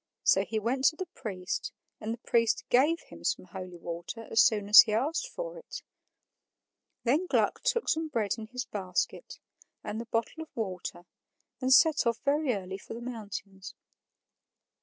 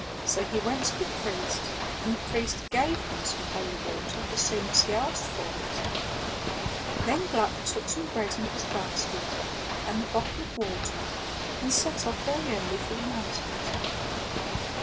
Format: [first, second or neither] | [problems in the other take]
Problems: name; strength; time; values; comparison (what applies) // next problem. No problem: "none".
first | background sound (Ocean / Boat, Water vehicle); as loud as the speech // room echo; dies away in 0.2 s